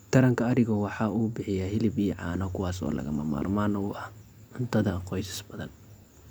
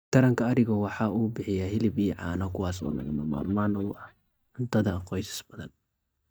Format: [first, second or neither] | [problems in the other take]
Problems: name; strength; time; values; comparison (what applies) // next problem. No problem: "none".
first | noise reduction (neural mask model DeepFilterNet 3)